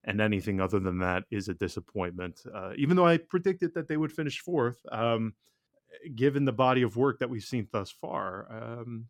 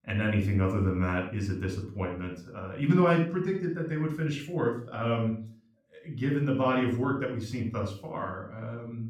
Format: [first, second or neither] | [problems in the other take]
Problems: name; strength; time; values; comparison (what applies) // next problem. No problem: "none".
first | off-mic speech; somewhat distant // room echo; slight; dies away in 0.4 s